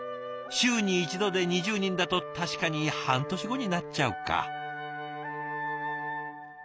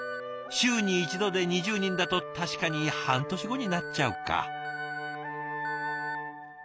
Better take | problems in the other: first | background sound (Alarm); 12 dB below the speech

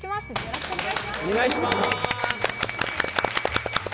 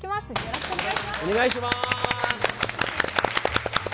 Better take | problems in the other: second | background sound (Subway, metro, underground / Door); 6 dB below the speech

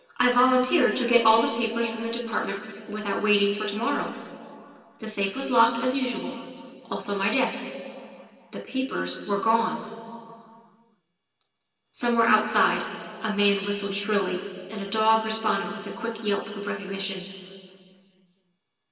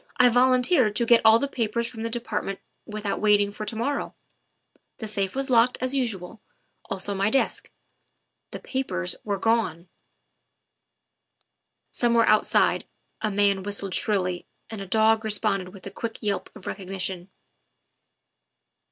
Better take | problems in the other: second | room echo; dies away in 2.5 s

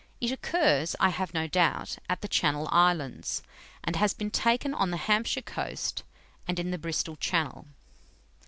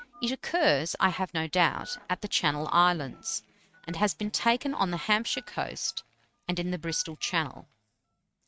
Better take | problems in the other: first | noise reduction (neural mask model RNNoise)

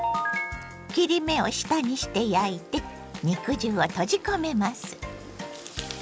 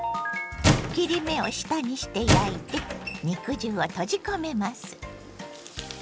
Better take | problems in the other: first | background sound (Squeak / Wood); 3 dB above the speech

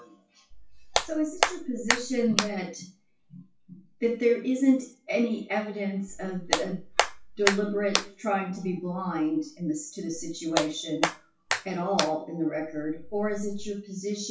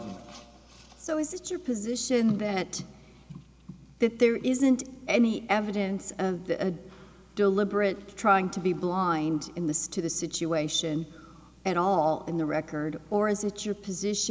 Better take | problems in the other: second | noise reduction (classical method WPE with log-MMSE)

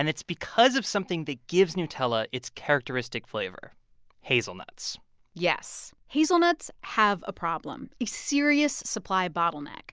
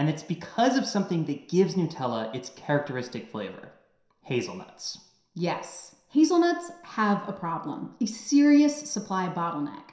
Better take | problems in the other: first | room echo; dies away in 0.7 s

